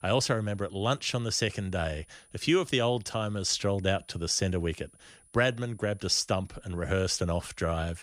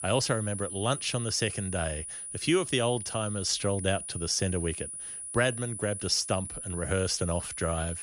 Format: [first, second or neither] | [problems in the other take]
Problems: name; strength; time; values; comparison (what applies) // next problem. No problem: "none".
first | high-pitched whine; loud; throughout; 10 kHz, 7 dB below the speech; faint in the first